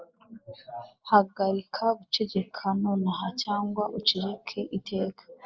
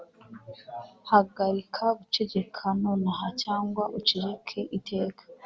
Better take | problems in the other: second | noise reduction (neural mask model Resemble Enhance denoiser)

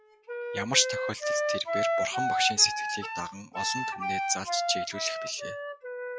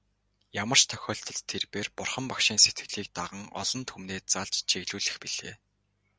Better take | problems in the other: second | noise reduction (classical method log-MMSE)

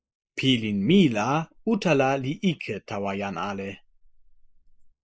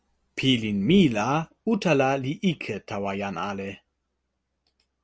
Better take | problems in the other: second | noise reduction (neural mask model Resemble Enhance denoiser)

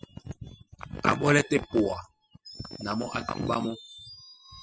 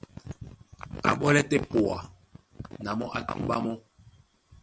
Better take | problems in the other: second | noise reduction (classical method spectral subtraction)

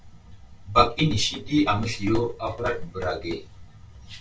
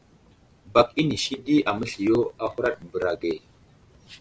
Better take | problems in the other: second | room echo; dies away in 0.2 s

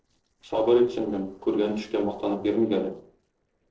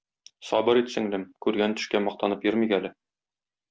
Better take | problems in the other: second | noise reduction (neural separator model SepFormer DNS4)

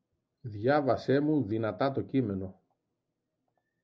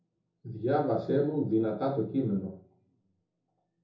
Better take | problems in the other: first | room echo; dies away in 0.7 s

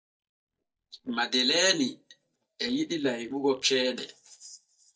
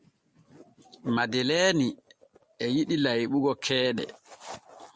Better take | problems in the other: second | noise reduction (neural mask model DeepFilterNet 3)

